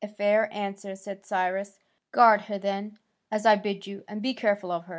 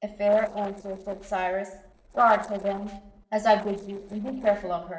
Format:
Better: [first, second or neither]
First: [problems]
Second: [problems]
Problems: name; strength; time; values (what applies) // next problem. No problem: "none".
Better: first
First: none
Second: noise reduction (neural separator model SepFormer DNS4)